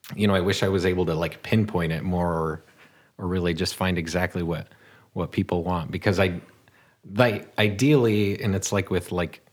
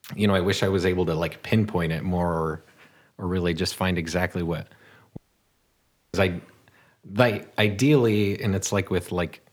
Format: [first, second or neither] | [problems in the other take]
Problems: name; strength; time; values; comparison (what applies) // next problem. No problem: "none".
first | audio cutting out; at 5 s for 1 s